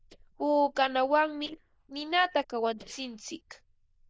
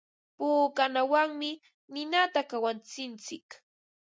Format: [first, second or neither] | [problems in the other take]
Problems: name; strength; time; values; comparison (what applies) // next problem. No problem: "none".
second | noise reduction (neural diffusion model UNIVERSE++)